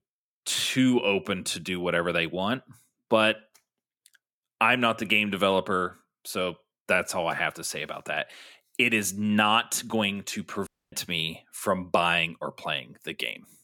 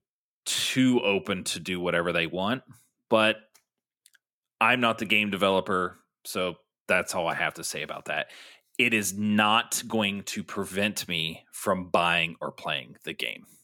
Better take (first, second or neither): second